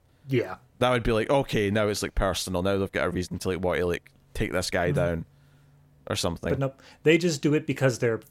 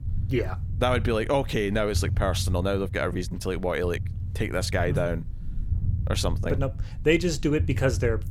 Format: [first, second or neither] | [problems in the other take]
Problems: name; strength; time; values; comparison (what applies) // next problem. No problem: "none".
first | low rumble; noticeable; throughout; 20 dB below the speech